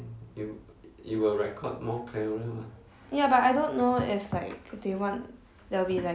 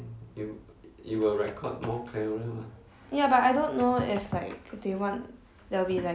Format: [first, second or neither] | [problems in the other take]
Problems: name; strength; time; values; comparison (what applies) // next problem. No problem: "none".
first | background sound (Run); 18 dB below the speech